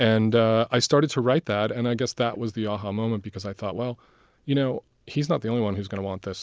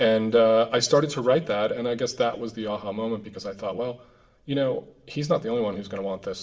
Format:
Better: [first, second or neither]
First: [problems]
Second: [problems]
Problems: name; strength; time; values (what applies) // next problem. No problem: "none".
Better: first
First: none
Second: room echo; dies away in 0.7 s